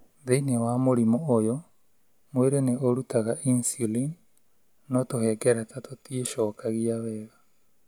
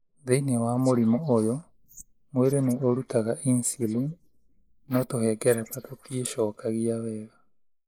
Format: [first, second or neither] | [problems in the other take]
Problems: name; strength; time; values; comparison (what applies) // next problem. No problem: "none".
first | noise reduction (neural mask model Resemble Enhance denoiser)